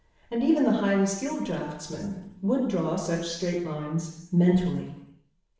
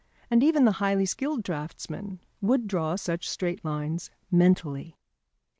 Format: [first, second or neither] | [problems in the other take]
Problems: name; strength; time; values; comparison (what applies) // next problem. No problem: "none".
second | room echo; dies away in 0.8 s